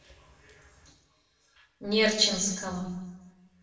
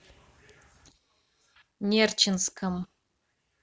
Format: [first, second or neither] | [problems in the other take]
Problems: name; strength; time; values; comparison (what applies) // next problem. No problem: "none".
second | room echo; dies away in 0.9 s